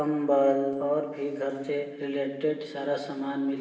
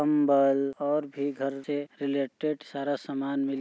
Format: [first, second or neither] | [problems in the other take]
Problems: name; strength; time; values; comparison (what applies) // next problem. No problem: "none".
second | room echo; dies away in 1.2 s